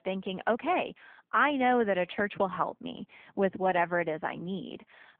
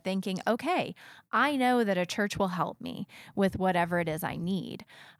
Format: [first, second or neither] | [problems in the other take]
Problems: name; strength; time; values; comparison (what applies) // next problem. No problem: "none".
second | phone-call audio; poor line; nothing above 3.5 kHz